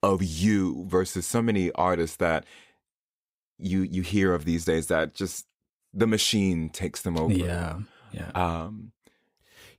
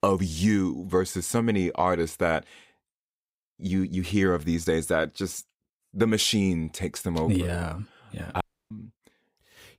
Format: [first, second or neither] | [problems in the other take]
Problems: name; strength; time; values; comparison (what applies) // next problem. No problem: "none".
first | audio cutting out; at 8.5 s